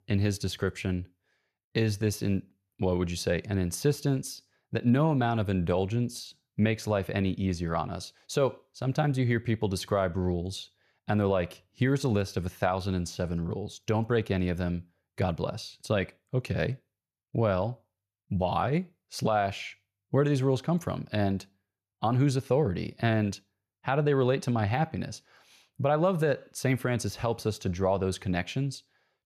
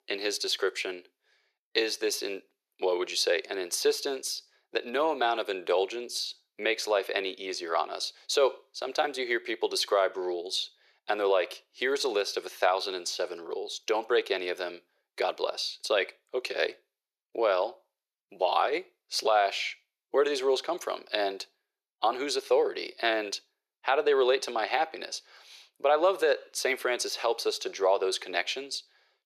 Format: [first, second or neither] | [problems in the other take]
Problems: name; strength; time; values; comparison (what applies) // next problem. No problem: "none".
first | thin; very; fading below 350 Hz